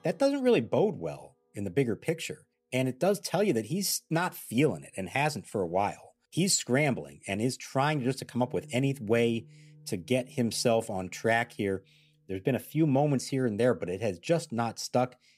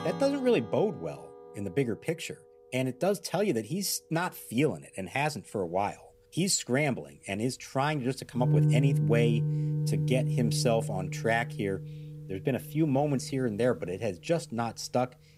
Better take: first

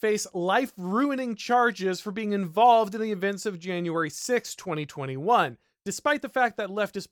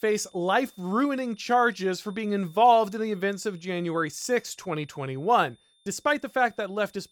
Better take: first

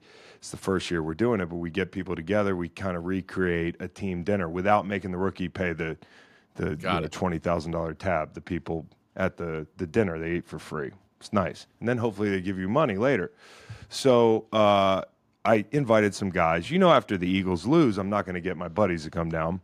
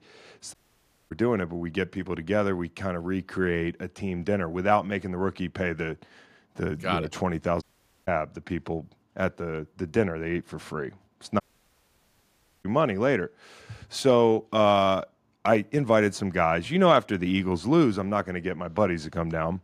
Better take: first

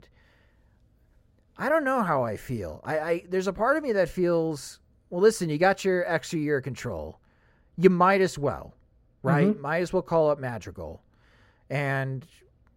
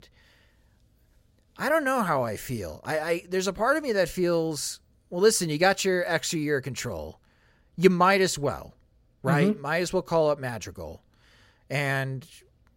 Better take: second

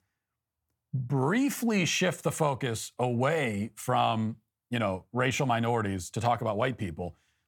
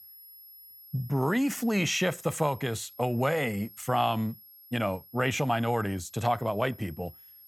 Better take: first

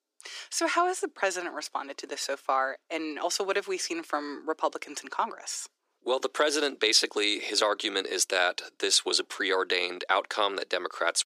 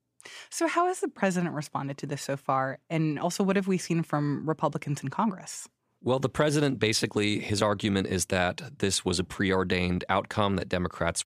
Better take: second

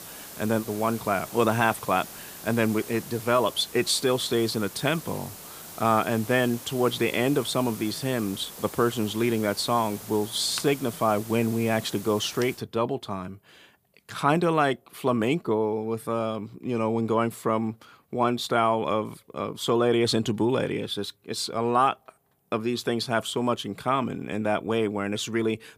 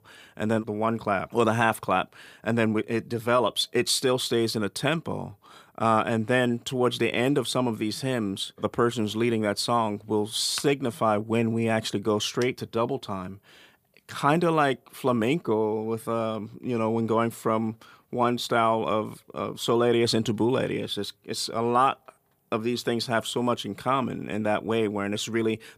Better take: second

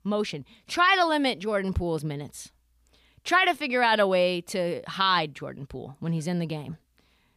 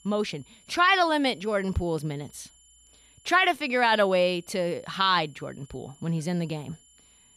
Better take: first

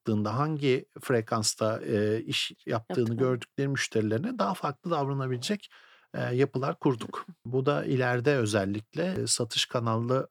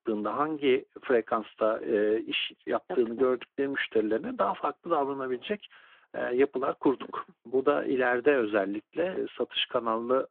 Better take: first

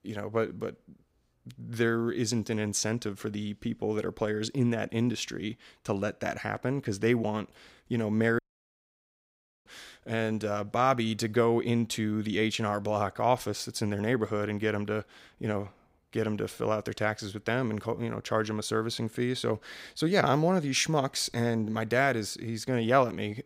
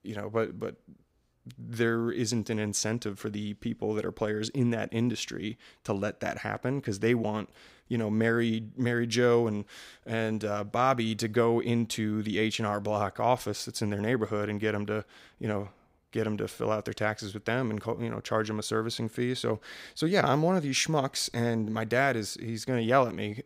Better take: second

